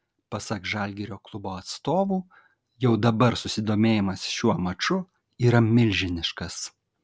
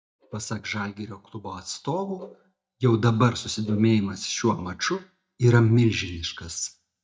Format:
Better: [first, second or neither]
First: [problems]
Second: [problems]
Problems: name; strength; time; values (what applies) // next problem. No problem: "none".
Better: first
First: none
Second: noise reduction (neural mask model DeepFilterNet 3)